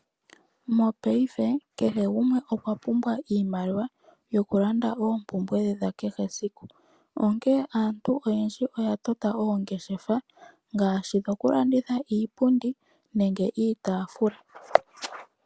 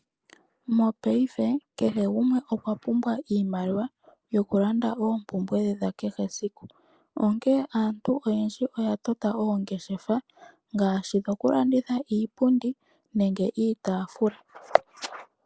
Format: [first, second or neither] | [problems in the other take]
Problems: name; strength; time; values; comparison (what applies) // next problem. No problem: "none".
first | noise reduction (neural mask model Resemble Enhance denoiser)